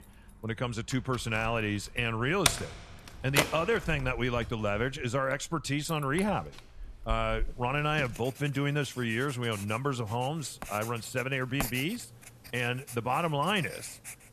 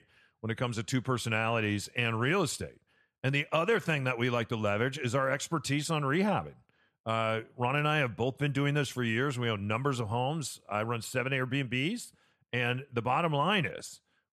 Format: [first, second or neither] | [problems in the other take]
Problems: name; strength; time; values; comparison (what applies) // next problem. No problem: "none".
second | household noises; loud; throughout; 7 dB below the speech